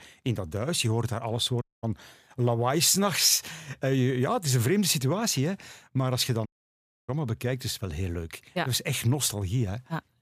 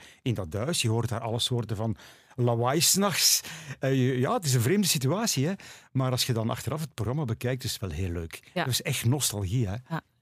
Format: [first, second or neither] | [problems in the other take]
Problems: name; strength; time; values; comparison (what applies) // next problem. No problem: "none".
second | audio cutting out; at 1.5 s and at 6.5 s for 0.5 s